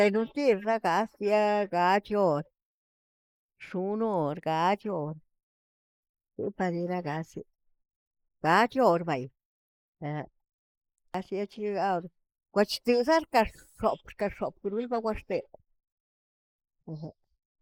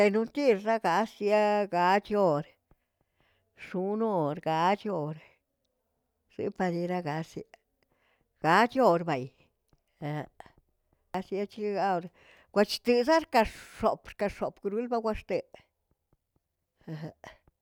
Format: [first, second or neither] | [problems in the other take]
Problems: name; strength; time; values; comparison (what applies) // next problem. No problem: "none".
second | noise reduction (neural mask model Resemble Enhance denoiser)